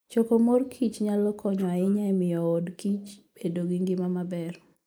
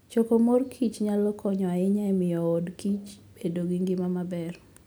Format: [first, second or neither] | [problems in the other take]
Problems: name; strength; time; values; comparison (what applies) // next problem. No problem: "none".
second | noise reduction (neural mask model Resemble Enhance denoiser)